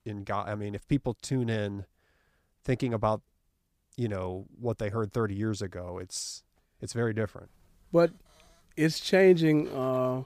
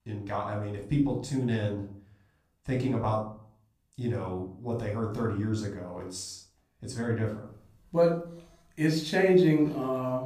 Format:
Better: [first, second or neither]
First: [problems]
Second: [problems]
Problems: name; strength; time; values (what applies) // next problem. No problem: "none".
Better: first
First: none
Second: off-mic speech; somewhat distant // room echo; noticeable; dies away in 0.4 s